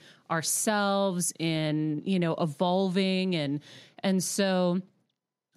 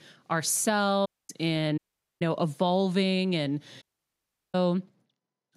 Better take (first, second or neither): first